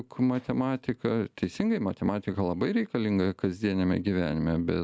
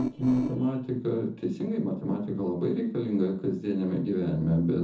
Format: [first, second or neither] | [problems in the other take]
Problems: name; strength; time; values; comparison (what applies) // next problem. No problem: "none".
first | noise reduction (neural separator model SepFormer DNS4)